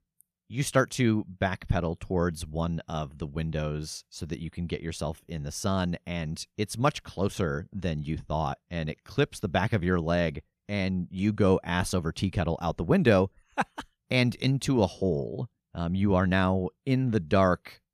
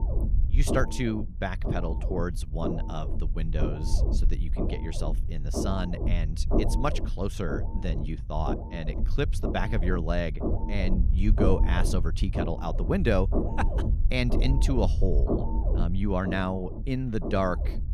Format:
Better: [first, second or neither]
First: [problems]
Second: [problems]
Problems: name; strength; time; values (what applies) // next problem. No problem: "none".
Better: first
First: none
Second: low rumble; loud; throughout; 6 dB below the speech